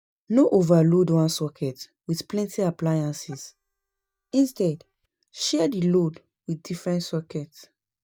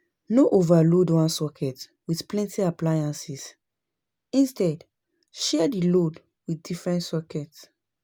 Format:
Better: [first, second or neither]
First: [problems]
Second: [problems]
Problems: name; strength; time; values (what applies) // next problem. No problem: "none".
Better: second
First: noise reduction (neural mask model DeepFilterNet 3)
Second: none